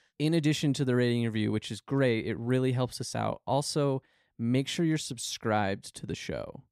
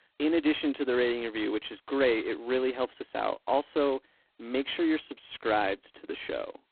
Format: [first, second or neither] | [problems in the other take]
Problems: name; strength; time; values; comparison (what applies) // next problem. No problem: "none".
first | phone-call audio; poor line; nothing above 4 kHz